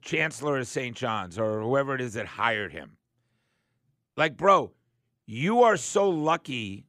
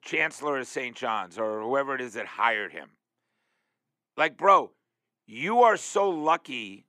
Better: first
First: none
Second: thin; somewhat; fading below 300 Hz

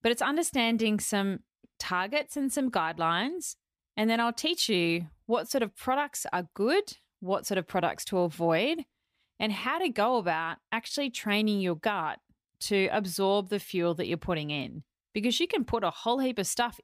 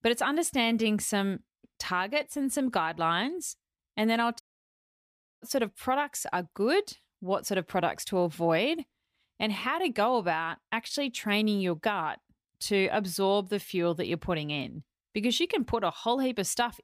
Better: first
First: none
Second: audio cutting out; at 4.5 s for 1 s

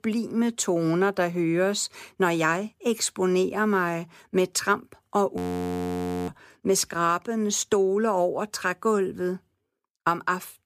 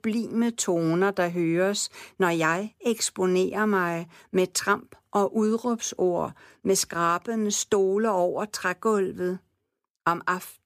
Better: second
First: audio freezing; at 5.5 s for 1 s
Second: none

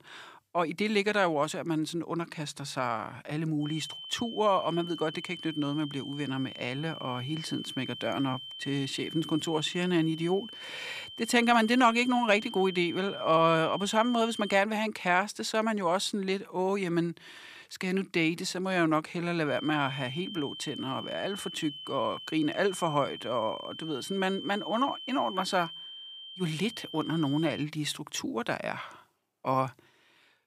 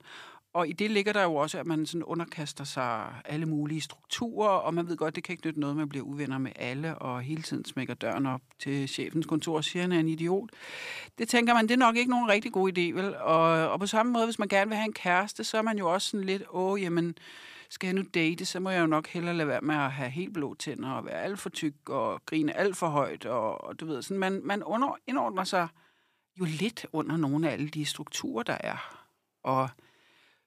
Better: second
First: high-pitched whine; noticeable; from 3.5 to 15 s and from 19 to 28 s; 3 kHz, 10 dB below the speech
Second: none

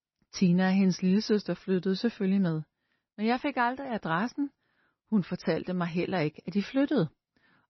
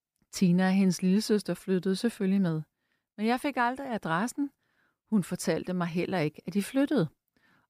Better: second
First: garbled, watery; slightly; nothing above 6 kHz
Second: none

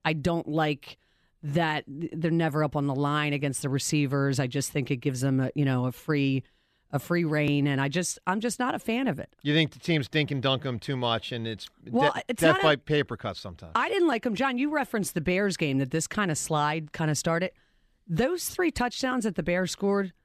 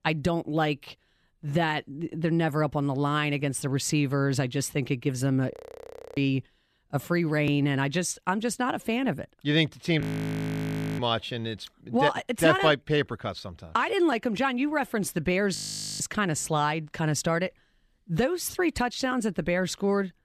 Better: first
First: none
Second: audio freezing; at 5.5 s for 0.5 s, at 10 s for 1 s and at 16 s

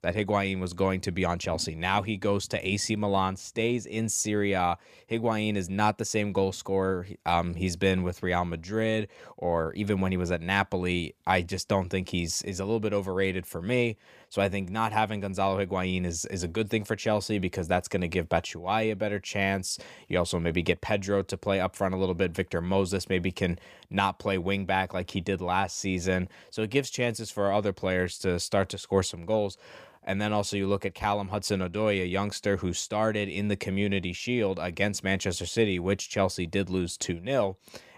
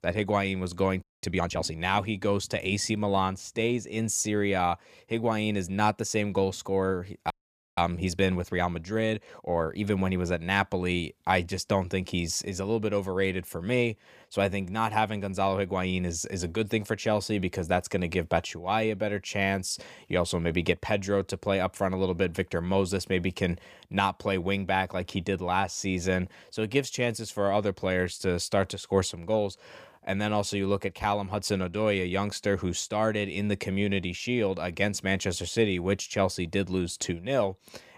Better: first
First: none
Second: audio freezing; at 1 s and at 7.5 s

